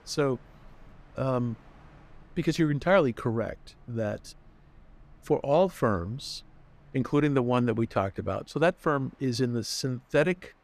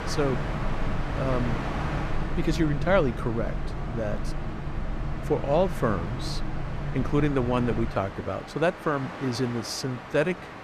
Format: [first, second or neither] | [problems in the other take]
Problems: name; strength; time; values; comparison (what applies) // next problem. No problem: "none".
first | train or aircraft noise; loud; throughout; 5 dB below the speech; faint in the first